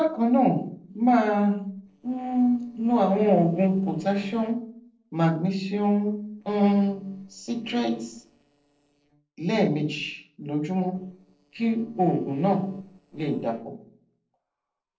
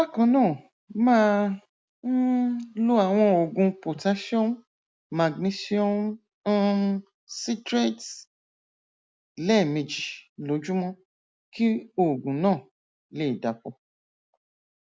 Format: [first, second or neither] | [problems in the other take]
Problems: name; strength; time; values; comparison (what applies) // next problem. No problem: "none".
second | noise reduction (neural separator model SepFormer DNS4)